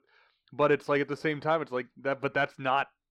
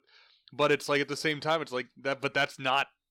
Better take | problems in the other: second | muffled; slightly; fading above 3 kHz

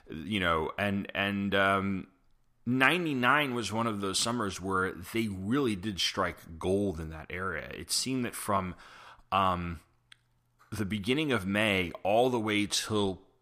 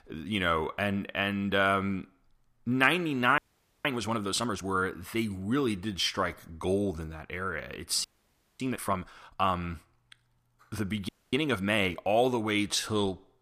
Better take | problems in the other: first | audio freezing; at 3.5 s, at 8 s for 0.5 s and at 11 s

